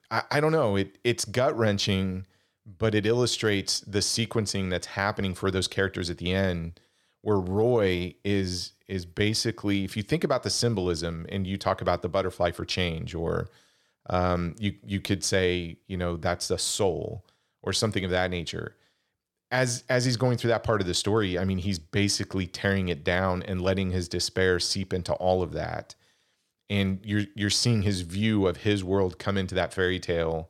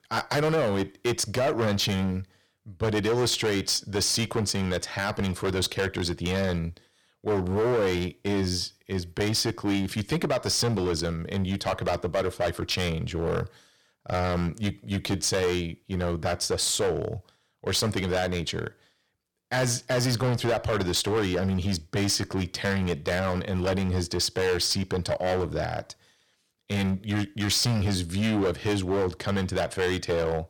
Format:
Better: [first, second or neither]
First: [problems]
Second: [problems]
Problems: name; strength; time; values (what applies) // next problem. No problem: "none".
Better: first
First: none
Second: distortion; heavy; 13% of the sound clipped